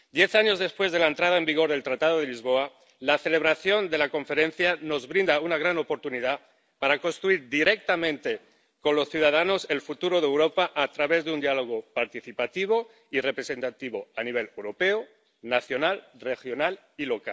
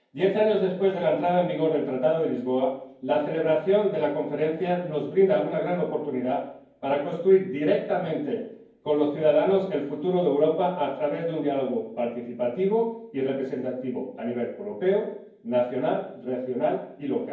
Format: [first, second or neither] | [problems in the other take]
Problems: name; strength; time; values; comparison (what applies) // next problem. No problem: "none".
first | room echo; dies away in 0.9 s